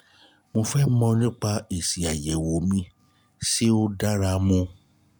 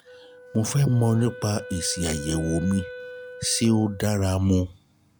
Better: first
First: none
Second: background sound (Wind instrument, woodwind instrument); 16 dB below the speech

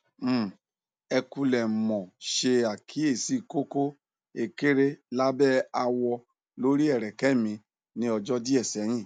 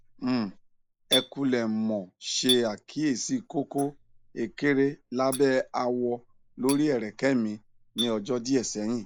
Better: first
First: none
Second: noise reduction (neural mask model Resemble Enhance denoiser)

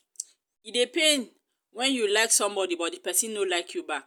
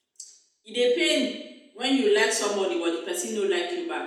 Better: first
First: none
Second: room echo; dies away in 0.8 s

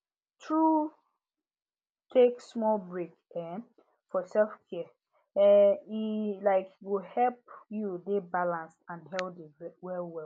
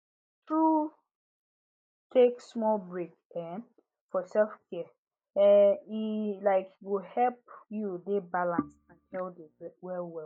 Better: first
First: none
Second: noise reduction (neural mask model DeepFilterNet 3)

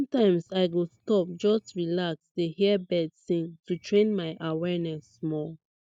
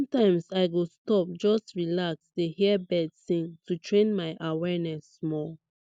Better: second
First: noise reduction (neural mask model DeepFilterNet 3)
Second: none

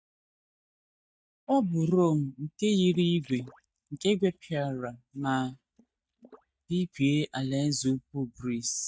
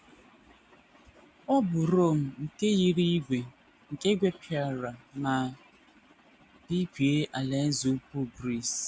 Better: second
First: noise reduction (neural mask model DeepFilterNet 3)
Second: none

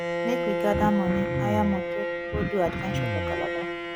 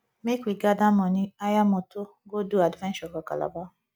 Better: second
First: background sound (Bowed string instrument + Cough); 1 dB above the speech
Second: none

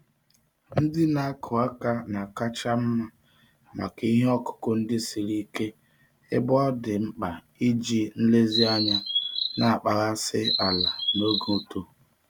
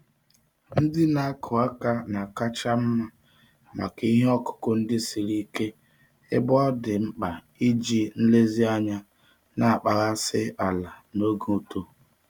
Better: second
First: background sound (Chirp, tweet); 1 dB below the speech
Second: none

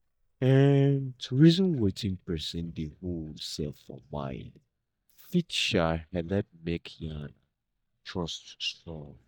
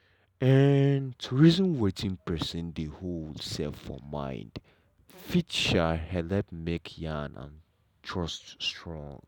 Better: second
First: noise reduction (neural mask model DeepFilterNet 3)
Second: none

